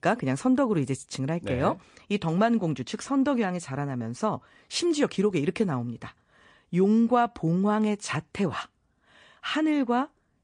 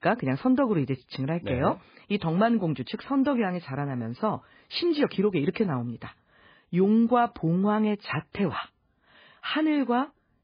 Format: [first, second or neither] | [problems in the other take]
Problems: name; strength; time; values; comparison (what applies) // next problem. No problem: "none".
first | garbled, watery; badly; nothing above 4.5 kHz; slightly in the first